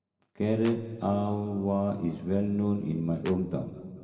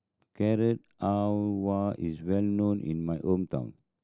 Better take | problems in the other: second | background sound (Clapping); 19 dB below the speech // room echo; dies away in 2.1 s

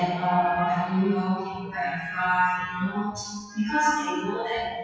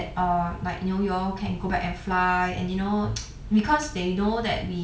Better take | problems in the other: second | noise reduction (classical method WPE with log-MMSE)

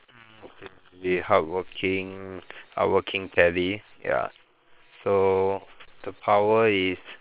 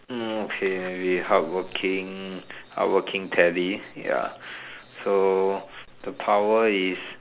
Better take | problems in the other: second | noise reduction (neural separator model SepFormer WHAM!)

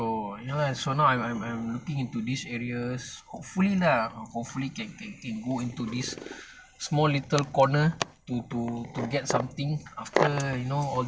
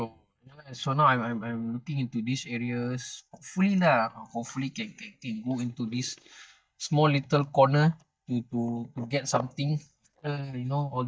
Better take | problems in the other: first | noise reduction (neural mask model DeepFilterNet 3)

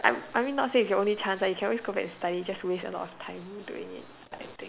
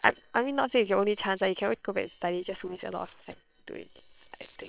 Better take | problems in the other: first | noise reduction (neural separator model SepFormer WHAM!)

